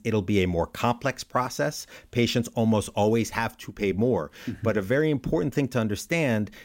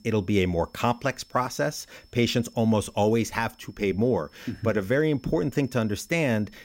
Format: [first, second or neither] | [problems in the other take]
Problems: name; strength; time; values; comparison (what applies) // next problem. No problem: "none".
first | high-pitched whine; faint; throughout; 5.5 kHz, 30 dB below the speech